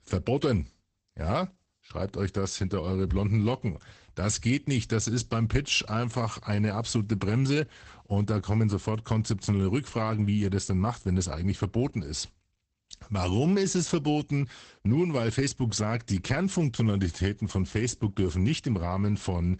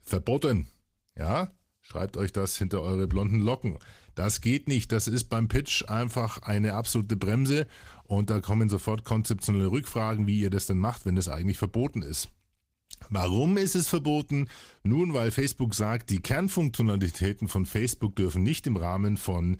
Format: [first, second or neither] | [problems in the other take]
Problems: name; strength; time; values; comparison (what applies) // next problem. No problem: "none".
second | garbled, watery; badly; nothing above 8 kHz; slightly in the second